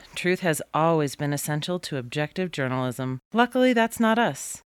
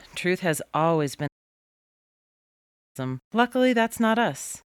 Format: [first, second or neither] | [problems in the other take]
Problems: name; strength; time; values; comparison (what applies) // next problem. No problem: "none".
first | audio cutting out; at 1.5 s for 1.5 s